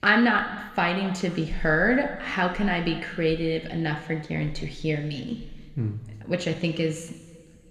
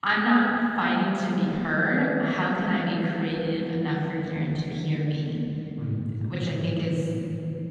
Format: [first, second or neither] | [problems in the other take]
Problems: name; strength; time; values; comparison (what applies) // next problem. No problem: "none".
first | room echo; strong; dies away in 3 s; slight in the first // off-mic speech; far